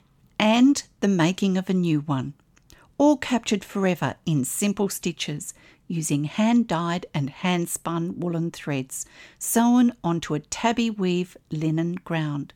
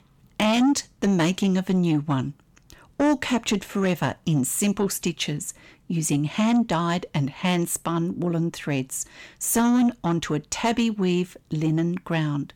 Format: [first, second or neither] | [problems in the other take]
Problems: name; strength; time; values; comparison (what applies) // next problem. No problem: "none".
first | distortion; slight; 10 dB below the speech